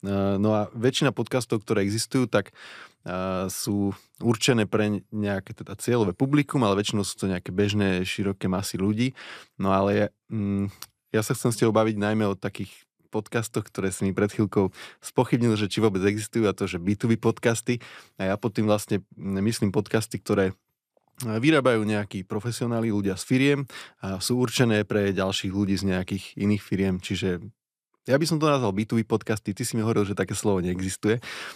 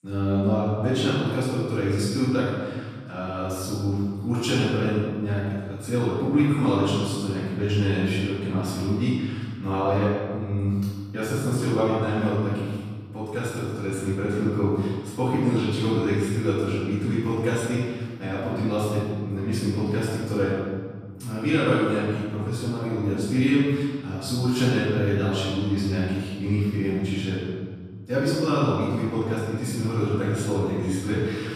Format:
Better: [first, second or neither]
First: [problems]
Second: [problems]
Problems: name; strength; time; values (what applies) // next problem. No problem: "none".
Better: first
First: none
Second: off-mic speech; far // room echo; strong; dies away in 1.6 s